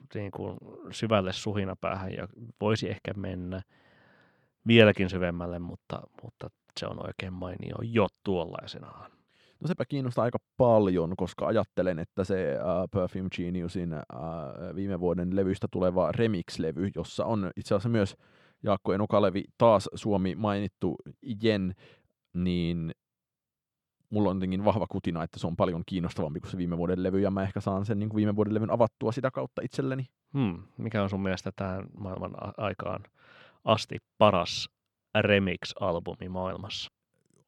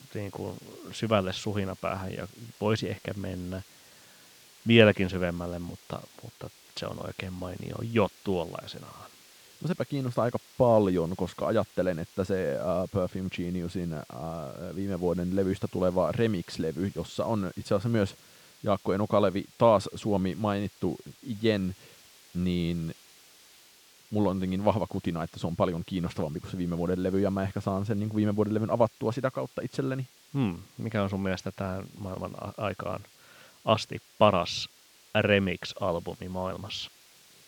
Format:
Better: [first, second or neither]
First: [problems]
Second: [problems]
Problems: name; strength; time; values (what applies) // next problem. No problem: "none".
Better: first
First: none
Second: hiss; faint; throughout; 25 dB below the speech